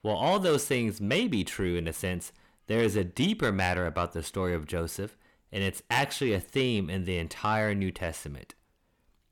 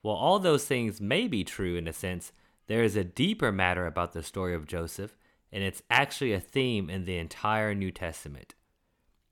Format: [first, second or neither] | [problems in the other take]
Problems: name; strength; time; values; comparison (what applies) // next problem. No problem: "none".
second | distortion; slight; 10 dB below the speech